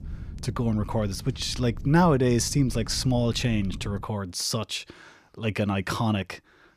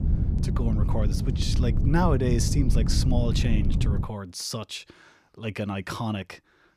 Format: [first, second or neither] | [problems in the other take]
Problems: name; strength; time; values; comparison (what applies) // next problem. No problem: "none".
first | wind noise on the microphone; heavy; until 4 s; 6 dB below the speech; occasional gusts in the first